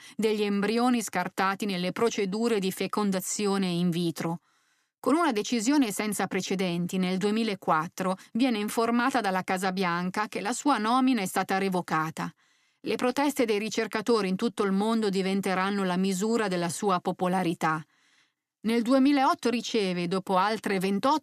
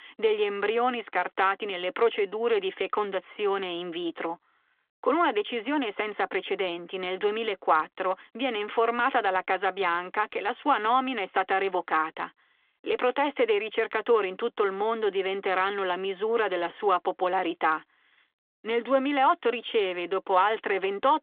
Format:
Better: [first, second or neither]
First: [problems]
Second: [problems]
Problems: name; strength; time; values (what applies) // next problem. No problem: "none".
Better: first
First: none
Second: phone-call audio